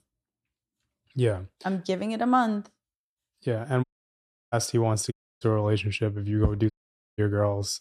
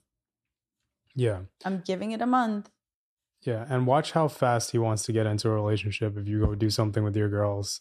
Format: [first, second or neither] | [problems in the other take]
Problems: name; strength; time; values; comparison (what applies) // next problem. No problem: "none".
second | audio cutting out; at 4 s for 0.5 s, at 5 s and at 6.5 s